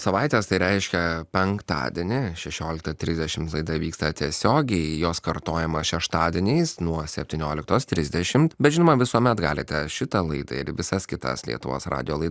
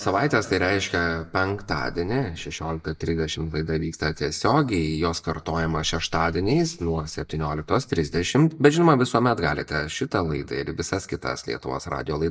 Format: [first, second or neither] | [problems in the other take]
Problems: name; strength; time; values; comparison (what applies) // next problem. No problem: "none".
first | noise reduction (neural mask model DeepFilterNet 3)